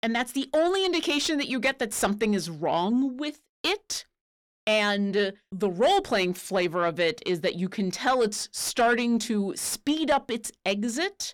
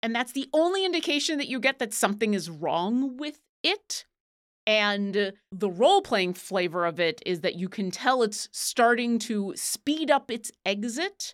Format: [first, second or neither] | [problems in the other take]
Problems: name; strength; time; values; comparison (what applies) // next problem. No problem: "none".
second | distortion; slight; 10 dB below the speech